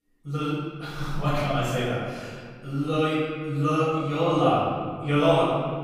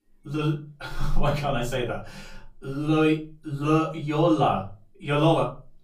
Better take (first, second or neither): second